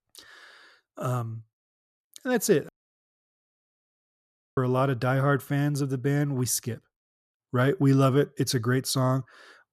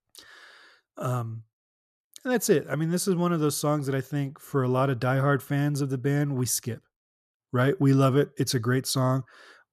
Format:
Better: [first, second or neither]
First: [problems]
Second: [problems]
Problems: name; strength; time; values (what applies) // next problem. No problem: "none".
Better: second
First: audio cutting out; at 2.5 s for 2 s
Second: none